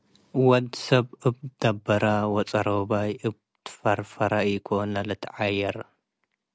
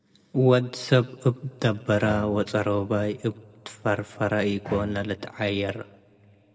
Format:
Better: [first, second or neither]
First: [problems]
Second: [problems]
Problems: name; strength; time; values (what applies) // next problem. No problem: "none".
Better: first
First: none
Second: background sound (Bowed string instrument); 16 dB below the speech // room echo; dies away in 1 s